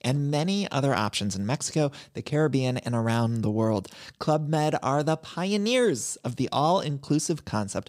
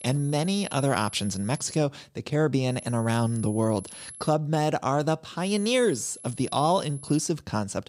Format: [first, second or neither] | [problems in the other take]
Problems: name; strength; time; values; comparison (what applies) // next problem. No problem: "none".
first | high-pitched whine; noticeable; until 2 s, from 2.5 to 4.5 s and from 5.5 to 7 s; 11 kHz, 15 dB below the speech